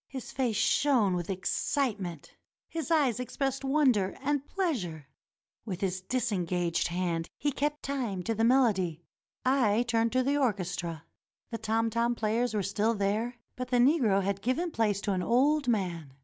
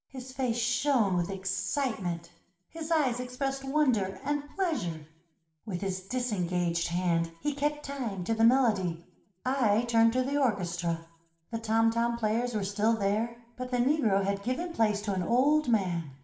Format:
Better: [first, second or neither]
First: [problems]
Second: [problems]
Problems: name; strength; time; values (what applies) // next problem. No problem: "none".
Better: first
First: none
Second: room echo; dies away in 0.6 s